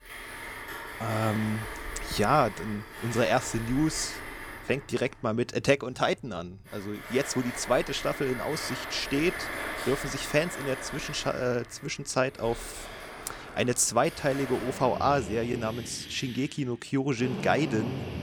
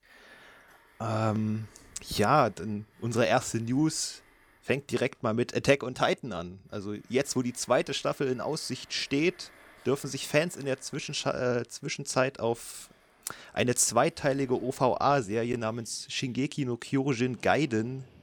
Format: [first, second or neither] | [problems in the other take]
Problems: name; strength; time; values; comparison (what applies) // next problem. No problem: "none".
second | machinery noise; loud; throughout; 9 dB below the speech; faint in the second